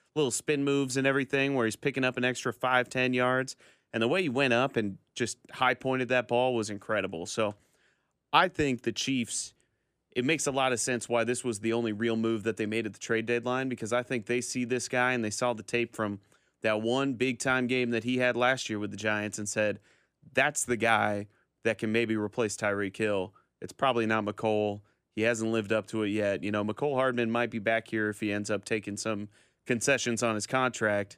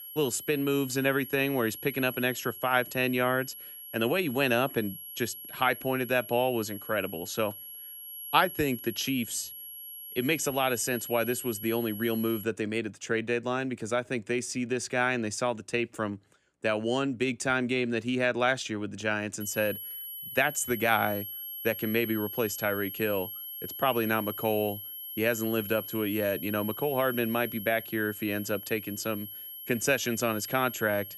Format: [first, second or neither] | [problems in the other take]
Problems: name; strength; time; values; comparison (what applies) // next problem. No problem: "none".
first | high-pitched whine; loud; until 12 s and from 19 s on; 11.5 kHz, 9 dB below the speech